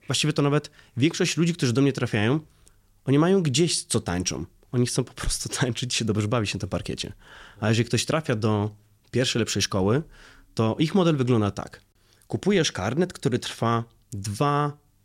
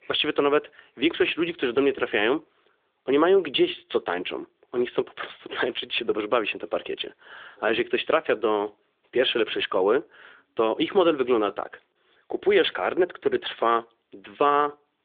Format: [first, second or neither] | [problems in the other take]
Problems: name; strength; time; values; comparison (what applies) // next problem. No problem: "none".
first | phone-call audio; nothing above 3.5 kHz